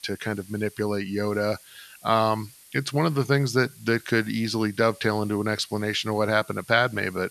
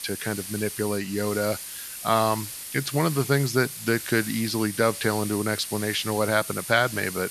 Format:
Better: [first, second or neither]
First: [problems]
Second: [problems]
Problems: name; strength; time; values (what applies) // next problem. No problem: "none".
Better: first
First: hiss; faint; throughout; 25 dB below the speech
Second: hiss; loud; throughout; 8 dB below the speech